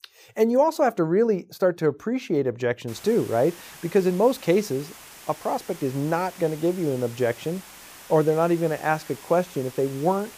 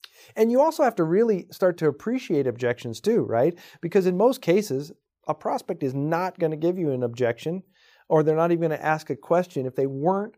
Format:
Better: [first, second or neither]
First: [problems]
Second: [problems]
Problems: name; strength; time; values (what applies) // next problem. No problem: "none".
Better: second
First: hiss; noticeable; from 3 s on; 20 dB below the speech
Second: none